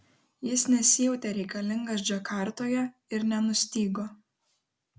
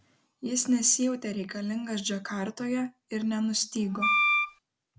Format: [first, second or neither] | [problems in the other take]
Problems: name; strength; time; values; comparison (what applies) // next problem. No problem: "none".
first | background sound (Wind instrument, woodwind instrument); 4 dB above the speech